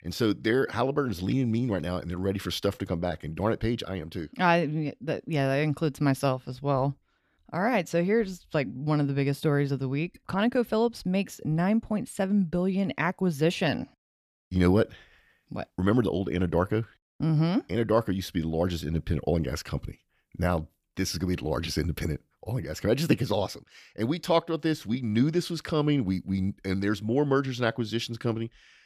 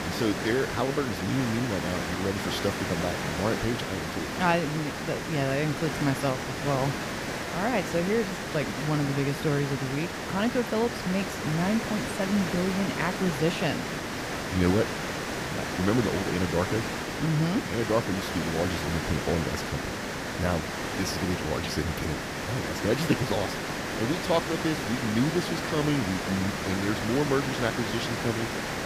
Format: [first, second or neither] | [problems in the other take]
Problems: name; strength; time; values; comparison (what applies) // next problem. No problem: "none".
first | hiss; loud; throughout; 2 dB below the speech